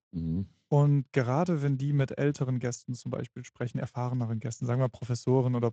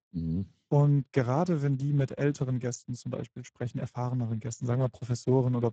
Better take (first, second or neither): first